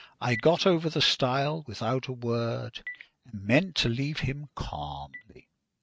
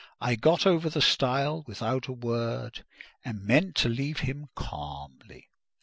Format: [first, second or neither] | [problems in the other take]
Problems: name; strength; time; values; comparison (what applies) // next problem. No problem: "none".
second | noise reduction (neural mask model RNNoise)